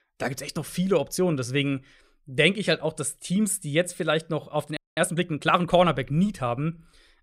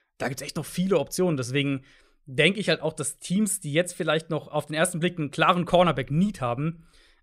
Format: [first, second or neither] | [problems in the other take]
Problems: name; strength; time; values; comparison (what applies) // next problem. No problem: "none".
second | audio freezing; at 5 s